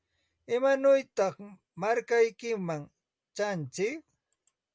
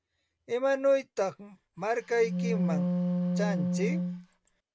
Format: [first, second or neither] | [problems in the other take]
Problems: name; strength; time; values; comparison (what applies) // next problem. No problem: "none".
first | background sound (Wind instrument, woodwind instrument); 1 dB above the speech